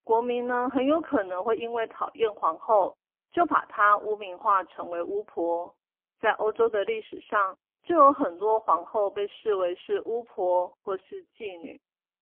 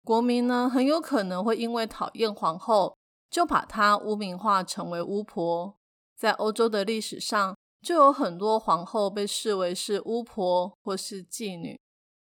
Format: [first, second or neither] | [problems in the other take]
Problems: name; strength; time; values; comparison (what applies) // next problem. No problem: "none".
second | phone-call audio; poor line; nothing above 3 kHz